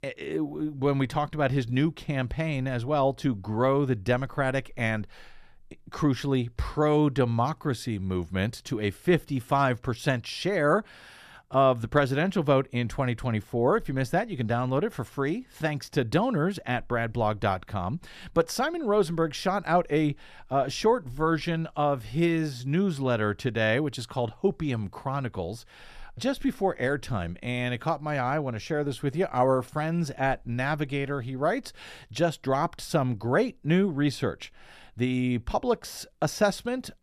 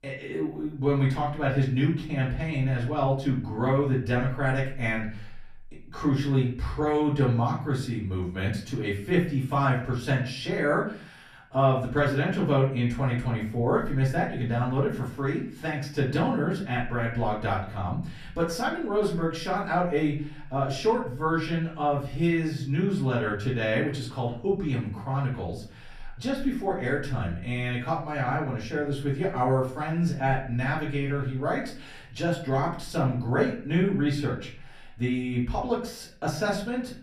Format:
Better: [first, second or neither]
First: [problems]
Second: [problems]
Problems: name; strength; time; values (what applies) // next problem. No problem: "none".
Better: first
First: none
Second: off-mic speech; far // room echo; slight; dies away in 0.5 s